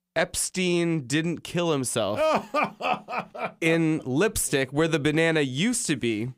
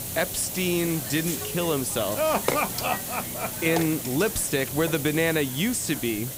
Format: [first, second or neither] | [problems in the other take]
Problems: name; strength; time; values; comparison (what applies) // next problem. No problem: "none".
first | hiss; loud; throughout; 4 dB below the speech